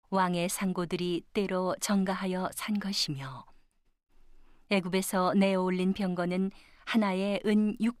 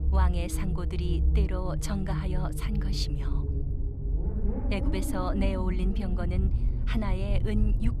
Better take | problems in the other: first | low rumble; loud; throughout; 6 dB below the speech

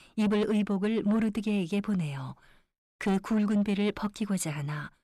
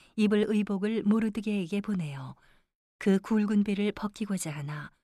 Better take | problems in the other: second | distortion; slight; 10 dB below the speech

